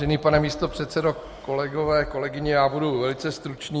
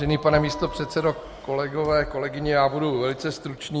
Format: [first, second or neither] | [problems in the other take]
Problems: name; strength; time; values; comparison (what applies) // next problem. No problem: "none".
first | background sound (Squeak); 20 dB below the speech